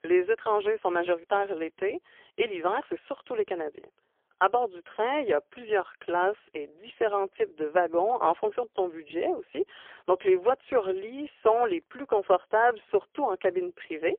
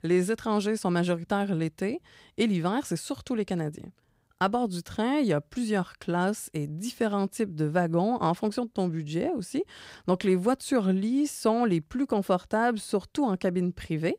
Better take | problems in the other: second | phone-call audio; poor line; nothing above 3.5 kHz

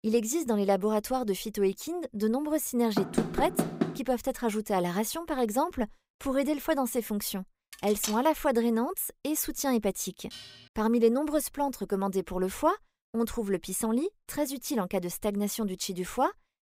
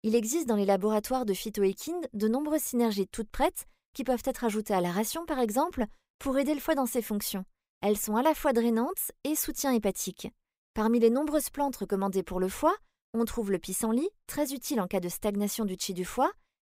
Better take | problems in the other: second | door banging; noticeable; from 3 to 4 s; peak 1 dB below the speech // clattering dishes; noticeable; at 7.5 s; peak 6 dB below the speech // clattering dishes; faint; at 10 s; peak 15 dB below the speech

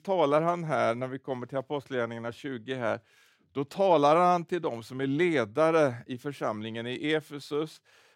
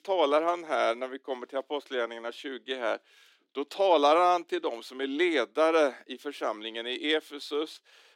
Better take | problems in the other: first | thin; very slightly; fading below 300 Hz

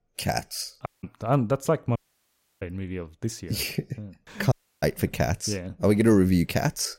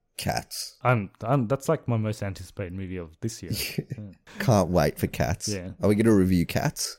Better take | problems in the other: second | audio cutting out; at 1 s, at 2 s for 0.5 s and at 4.5 s

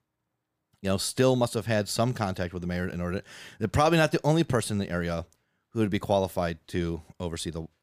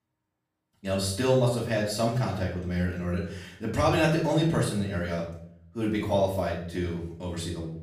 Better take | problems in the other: first | room echo; noticeable; dies away in 0.5 s // off-mic speech; far

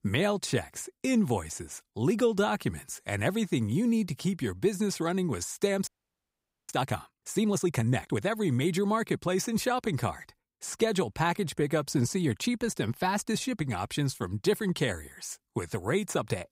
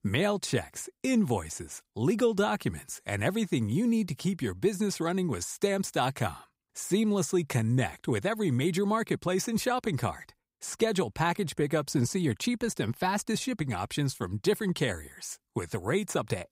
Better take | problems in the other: second | audio freezing; at 6 s for 1 s

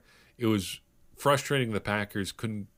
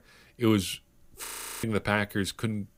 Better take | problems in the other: first | audio freezing; at 1.5 s

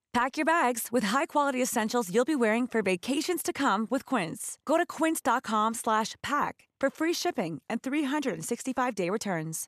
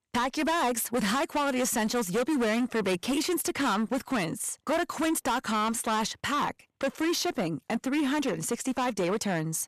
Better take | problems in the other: first | distortion; heavy; 19% of the sound clipped

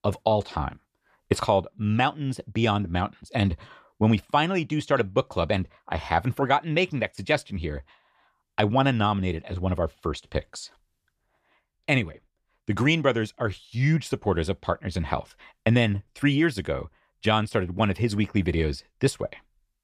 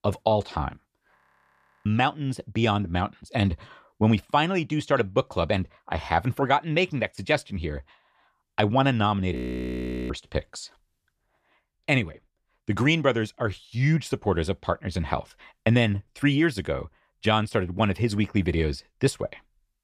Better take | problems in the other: first | audio freezing; at 1 s for 0.5 s and at 9.5 s for 1 s

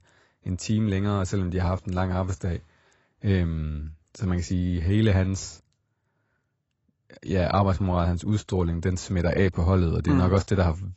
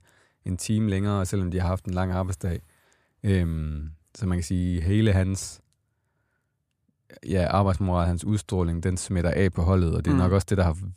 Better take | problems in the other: second | garbled, watery; badly; nothing above 8 kHz

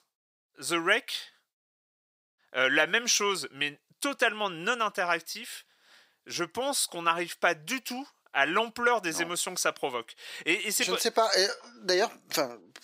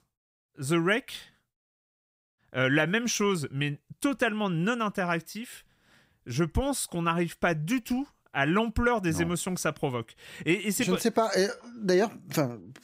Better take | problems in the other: second | thin; somewhat; fading below 500 Hz

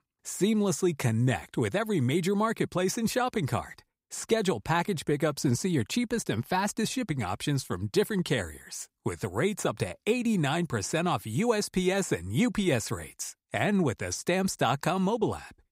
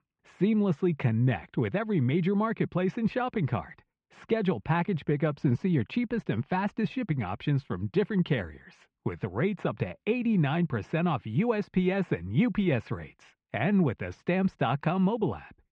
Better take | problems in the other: first | muffled; very; fading above 3 kHz

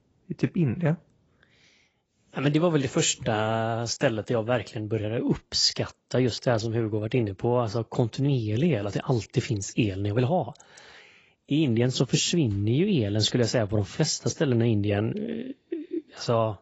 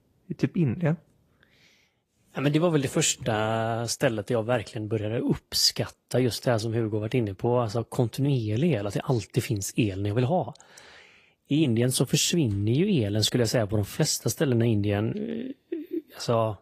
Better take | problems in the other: second | garbled, watery; badly; nothing above 7.5 kHz; slightly in the second

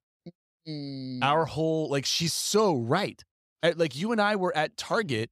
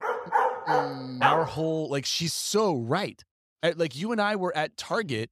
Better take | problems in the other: first | dog barking; loud; until 1.5 s; peak 3 dB above the speech

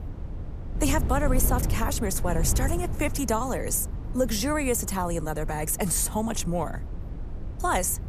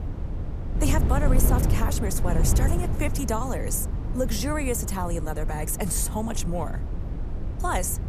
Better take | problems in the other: first | wind noise on the microphone; heavy; 8 dB below the speech; occasional gusts in the first

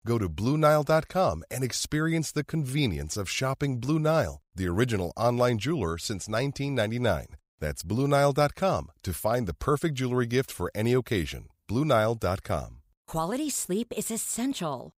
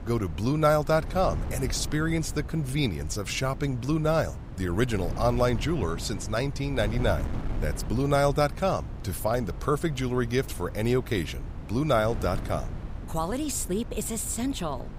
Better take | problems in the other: first | wind noise on the microphone; occasional gusts; 15 dB below the speech

